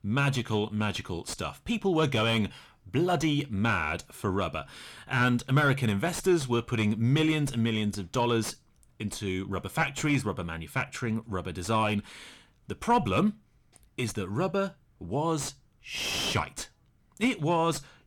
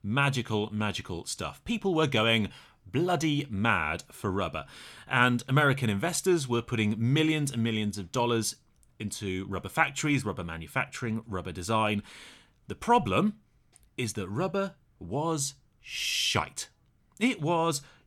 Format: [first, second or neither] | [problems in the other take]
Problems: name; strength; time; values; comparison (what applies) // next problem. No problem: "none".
second | distortion; slight; 10 dB below the speech